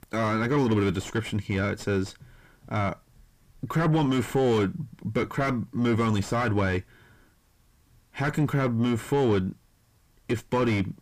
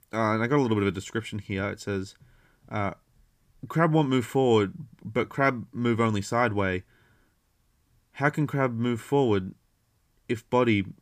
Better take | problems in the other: second | distortion; heavy; 5 dB below the speech

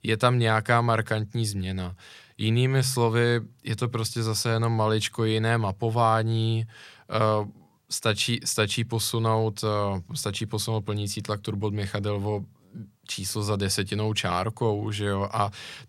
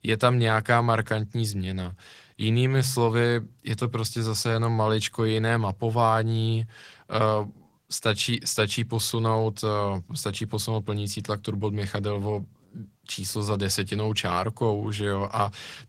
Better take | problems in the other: first | garbled, watery; slightly; nothing above 16 kHz

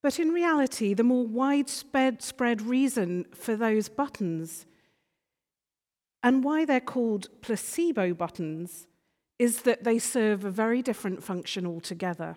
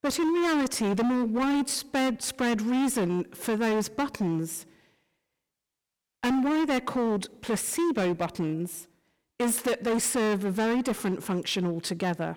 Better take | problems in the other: first | distortion; heavy; 21% of the sound clipped

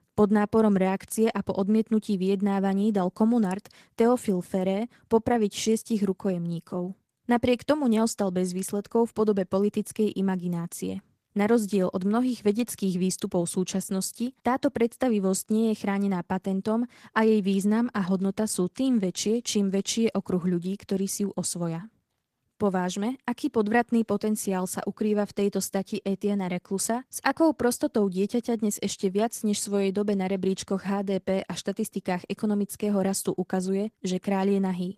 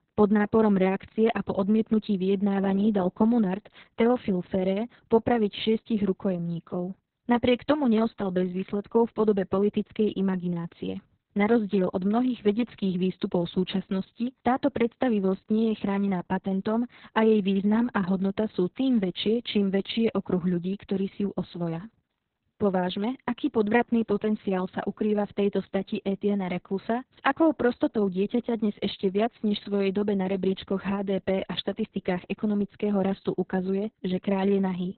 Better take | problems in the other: first | garbled, watery; badly; nothing above 4 kHz; slightly in the first

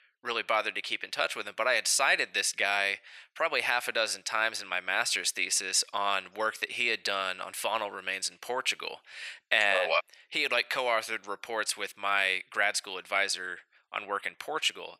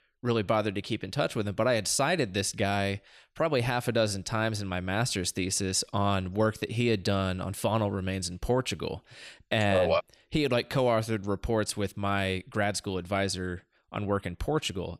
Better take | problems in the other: second | thin; very; fading below 800 Hz

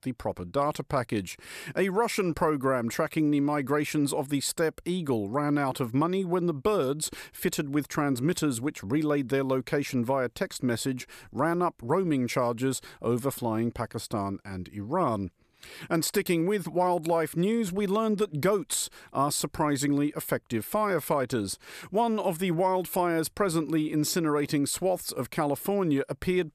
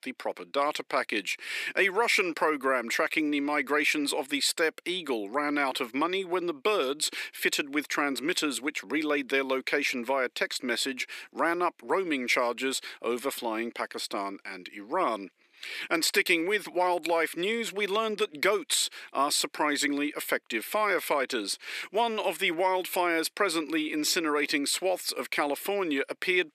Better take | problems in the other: first | thin; very slightly; fading below 300 Hz

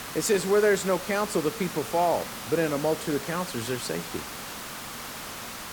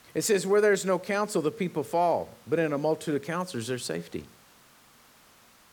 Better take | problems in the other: second | hiss; loud; throughout; 9 dB below the speech; faint in the second

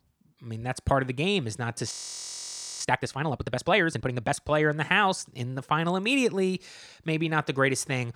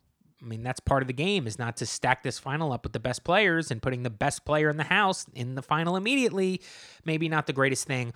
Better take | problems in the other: second | audio freezing; at 2 s for 1 s

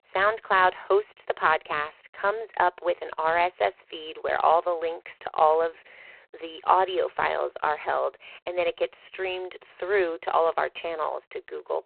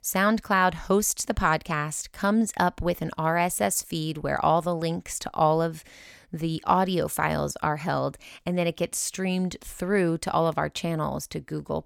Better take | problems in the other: second | phone-call audio; poor line; nothing above 4 kHz

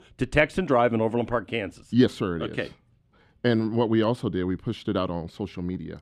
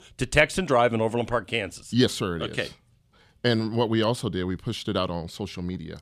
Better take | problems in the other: second | muffled; slightly; fading above 3.5 kHz

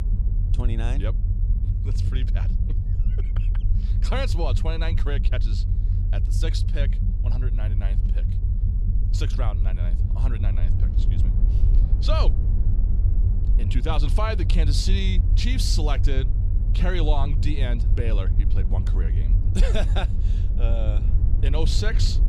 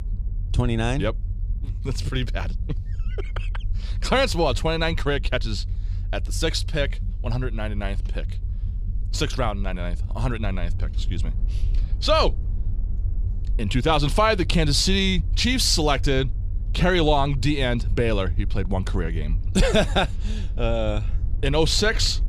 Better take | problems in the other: second | low rumble; loud; throughout; 9 dB below the speech; faint in the second

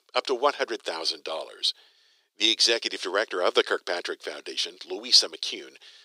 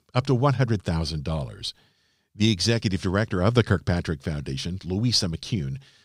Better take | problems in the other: second | thin; very; fading below 350 Hz

